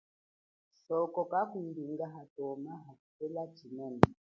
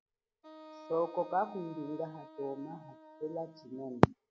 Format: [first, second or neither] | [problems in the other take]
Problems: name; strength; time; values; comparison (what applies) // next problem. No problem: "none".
first | background sound (Wind instrument, woodwind instrument); 18 dB below the speech